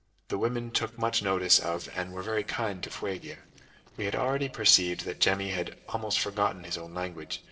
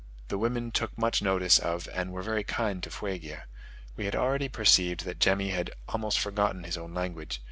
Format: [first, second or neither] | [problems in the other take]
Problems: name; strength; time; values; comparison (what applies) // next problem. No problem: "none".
second | noise reduction (neural separator model SepFormer DNS4)